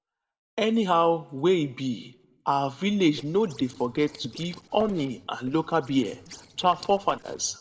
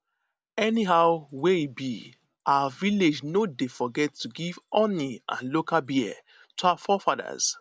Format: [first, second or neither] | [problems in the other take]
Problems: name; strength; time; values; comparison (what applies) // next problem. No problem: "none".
second | noise reduction (neural separator model SepFormer DNS4)